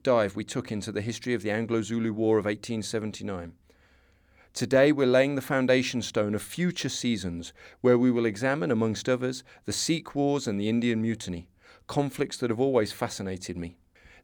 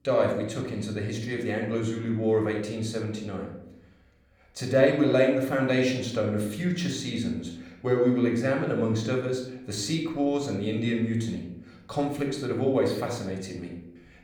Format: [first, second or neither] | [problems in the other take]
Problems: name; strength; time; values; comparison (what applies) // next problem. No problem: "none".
first | off-mic speech; somewhat distant // room echo; noticeable; dies away in 0.7 s